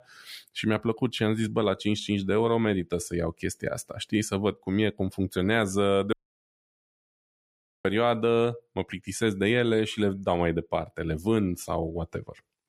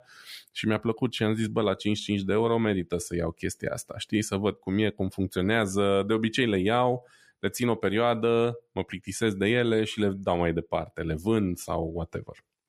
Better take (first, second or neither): second